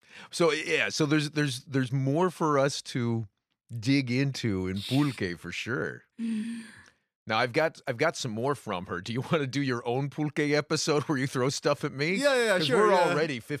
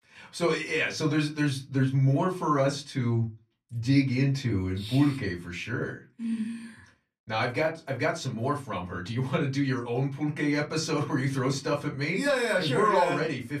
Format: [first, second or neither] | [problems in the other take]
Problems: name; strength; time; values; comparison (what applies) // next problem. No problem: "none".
first | off-mic speech; far // room echo; very slight; dies away in 0.2 s